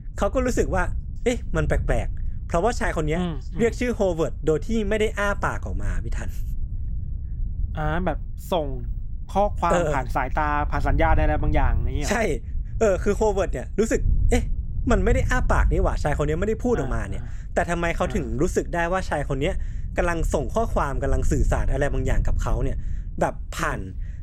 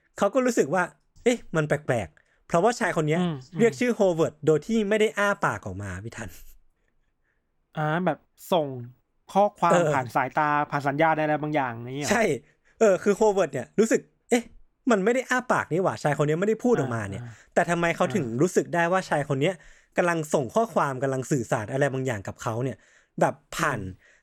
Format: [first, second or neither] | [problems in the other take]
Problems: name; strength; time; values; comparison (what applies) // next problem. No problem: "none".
second | wind noise on the microphone; occasional gusts; 25 dB below the speech